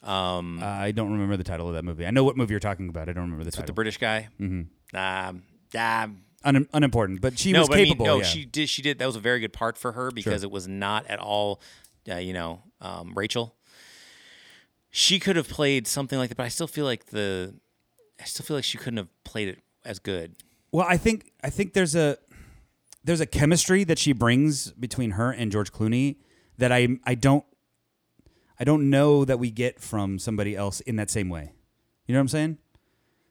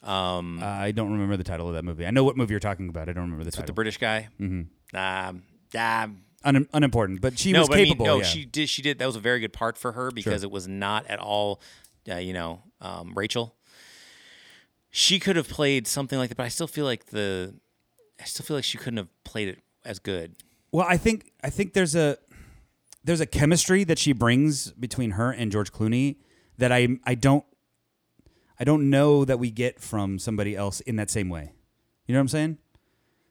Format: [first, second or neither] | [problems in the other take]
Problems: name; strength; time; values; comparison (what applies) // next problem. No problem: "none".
neither | none